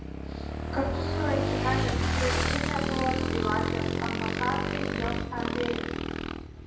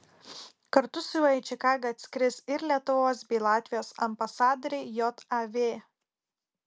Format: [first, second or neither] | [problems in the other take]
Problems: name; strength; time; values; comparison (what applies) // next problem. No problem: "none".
second | background sound (Motorcycle / Engine); 5 dB above the speech // room echo; dies away in 0.9 s